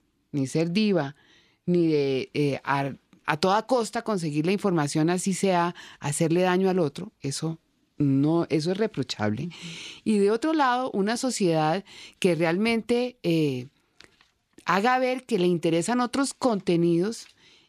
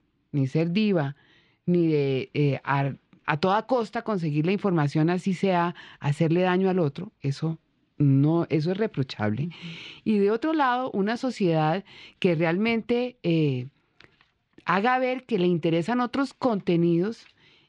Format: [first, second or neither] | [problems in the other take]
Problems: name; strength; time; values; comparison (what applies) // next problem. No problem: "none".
first | muffled; slightly; fading above 3 kHz